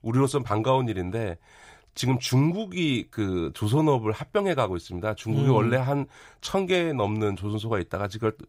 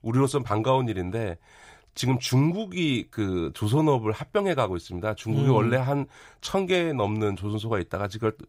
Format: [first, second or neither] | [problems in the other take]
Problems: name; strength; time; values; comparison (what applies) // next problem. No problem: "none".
neither | none